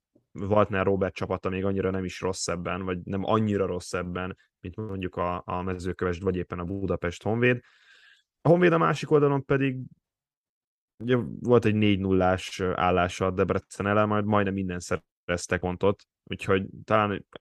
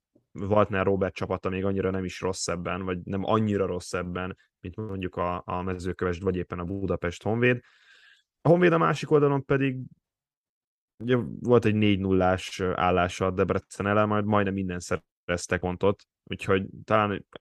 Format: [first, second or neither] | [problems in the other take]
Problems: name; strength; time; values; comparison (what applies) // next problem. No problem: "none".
neither | none